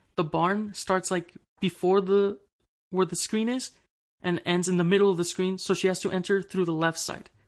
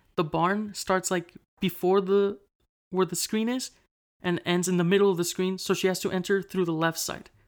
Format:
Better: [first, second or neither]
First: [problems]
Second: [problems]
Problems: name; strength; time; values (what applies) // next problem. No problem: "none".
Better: second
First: garbled, watery; slightly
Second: none